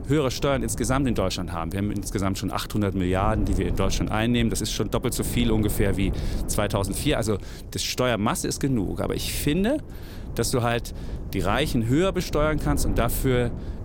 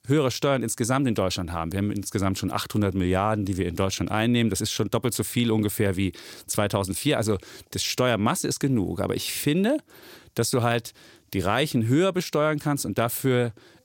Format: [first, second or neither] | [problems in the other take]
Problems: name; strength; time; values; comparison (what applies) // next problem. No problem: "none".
second | wind noise on the microphone; occasional gusts; 15 dB below the speech